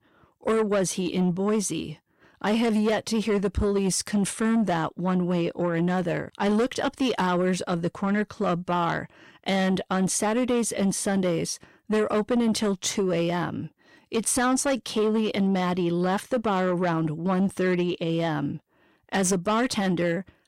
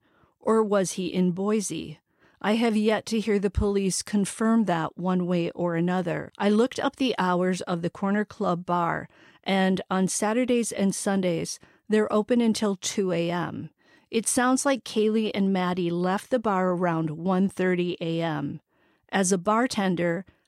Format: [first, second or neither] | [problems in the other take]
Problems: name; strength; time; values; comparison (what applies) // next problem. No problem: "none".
second | distortion; slight; 10 dB below the speech